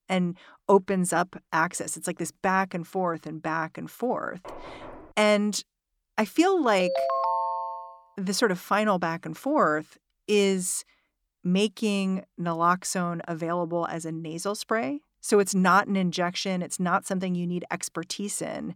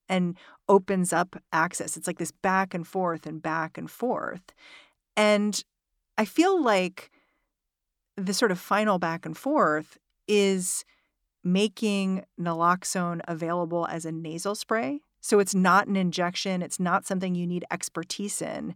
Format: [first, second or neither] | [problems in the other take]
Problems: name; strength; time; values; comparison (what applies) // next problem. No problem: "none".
second | door banging; faint; at 4.5 s; peak 15 dB below the speech // phone ringing; loud; from 7 to 8 s; peak 1 dB above the speech